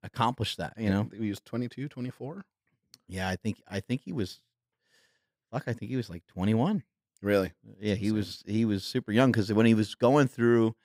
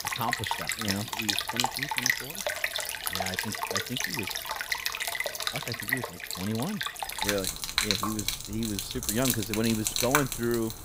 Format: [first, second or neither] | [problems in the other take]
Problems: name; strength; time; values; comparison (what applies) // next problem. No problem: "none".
first | rain or running water; very loud; throughout; 4 dB above the speech